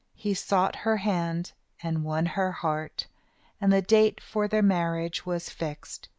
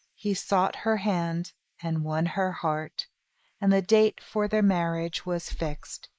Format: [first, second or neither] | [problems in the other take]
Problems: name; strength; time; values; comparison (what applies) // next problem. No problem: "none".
first | noise reduction (neural mask model Resemble Enhance denoiser)